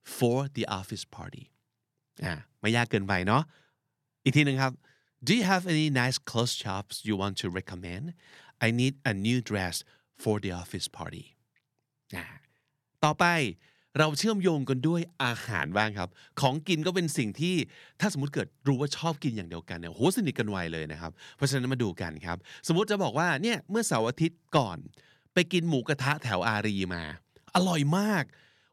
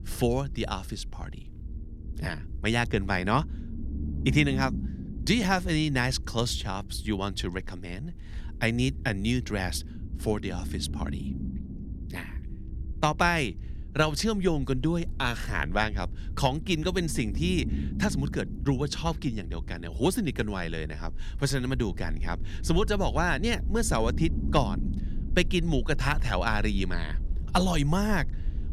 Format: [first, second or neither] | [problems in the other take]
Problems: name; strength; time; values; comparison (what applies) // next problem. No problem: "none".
first | low rumble; noticeable; throughout; 20 dB below the speech